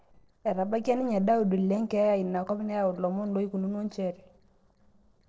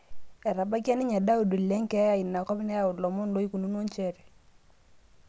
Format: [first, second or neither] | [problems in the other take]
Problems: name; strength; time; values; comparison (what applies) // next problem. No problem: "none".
second | noise reduction (neural separator model SepFormer DNS4)